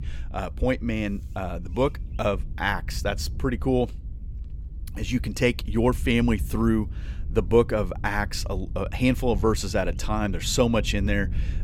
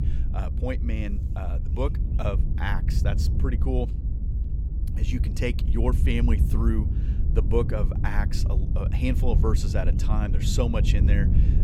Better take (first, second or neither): first